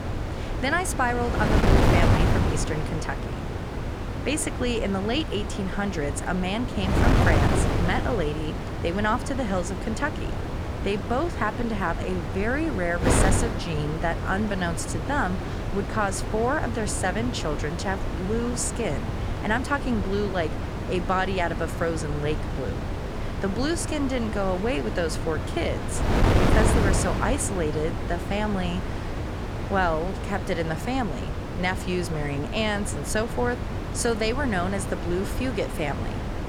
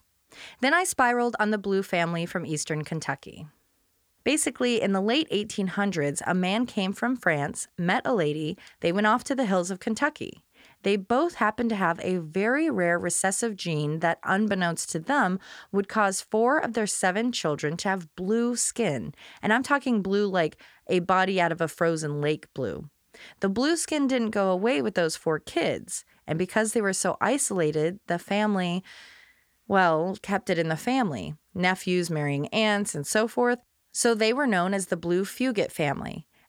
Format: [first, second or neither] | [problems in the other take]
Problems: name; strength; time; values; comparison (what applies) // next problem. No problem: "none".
second | wind noise on the microphone; heavy; 4 dB below the speech